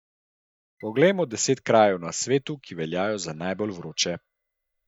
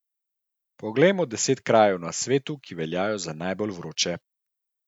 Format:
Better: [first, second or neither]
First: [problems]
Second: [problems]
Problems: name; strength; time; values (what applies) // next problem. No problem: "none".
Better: second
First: noise reduction (neural mask model DeepFilterNet 3)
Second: none